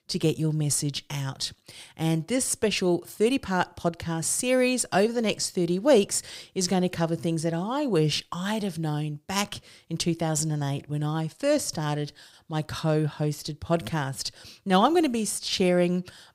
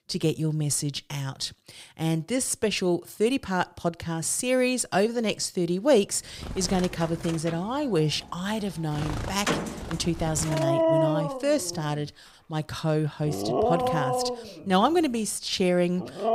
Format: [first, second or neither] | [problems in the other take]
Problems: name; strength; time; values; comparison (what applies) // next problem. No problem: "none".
first | animal sounds; loud; from 6.5 s on; 2 dB below the speech